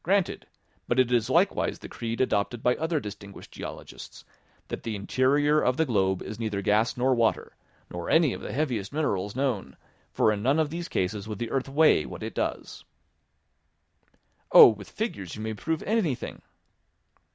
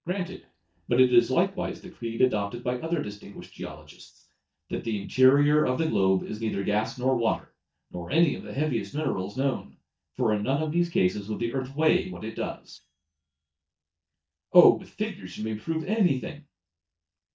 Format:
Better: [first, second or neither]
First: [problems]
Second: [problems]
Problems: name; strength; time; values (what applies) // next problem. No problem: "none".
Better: first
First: none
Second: noise reduction (neural mask model DeepFilterNet 3)